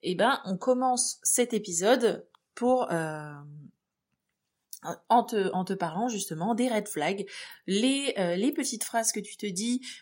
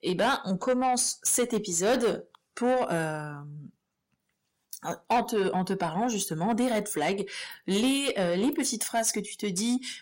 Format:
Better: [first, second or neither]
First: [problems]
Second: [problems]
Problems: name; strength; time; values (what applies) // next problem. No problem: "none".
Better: first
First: none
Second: distortion; slight; 10 dB below the speech